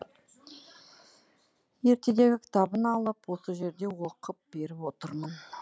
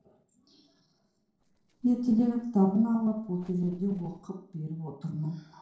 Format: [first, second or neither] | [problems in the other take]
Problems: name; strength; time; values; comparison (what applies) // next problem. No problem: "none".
first | noise reduction (neural separator model SepFormer DNS4)